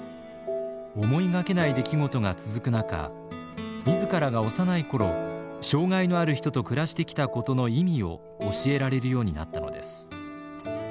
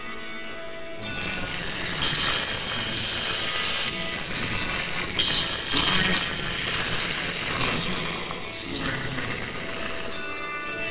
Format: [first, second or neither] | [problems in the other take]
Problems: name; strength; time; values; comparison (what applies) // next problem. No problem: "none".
first | noise reduction (neural separator model SepFormer WHAMR!)